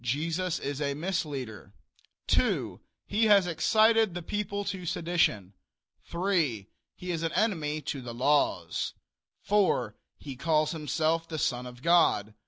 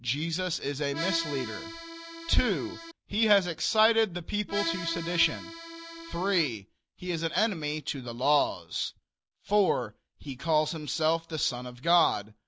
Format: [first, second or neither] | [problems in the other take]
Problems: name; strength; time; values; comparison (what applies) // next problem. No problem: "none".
first | background sound (Accordion); 9 dB below the speech